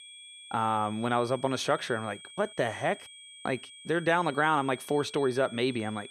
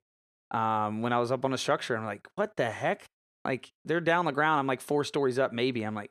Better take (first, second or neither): second